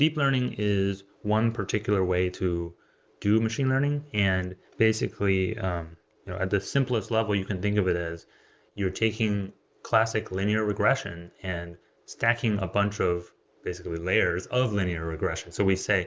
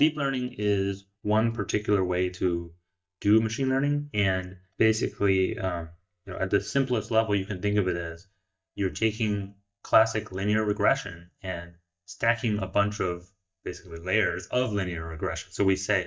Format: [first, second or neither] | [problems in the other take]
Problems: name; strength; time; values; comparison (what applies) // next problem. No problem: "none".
first | noise reduction (neural mask model DeepFilterNet 3)